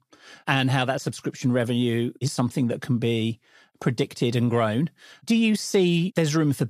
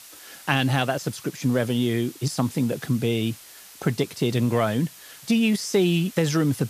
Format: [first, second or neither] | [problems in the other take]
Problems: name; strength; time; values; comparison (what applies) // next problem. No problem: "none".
first | hiss; noticeable; throughout; 20 dB below the speech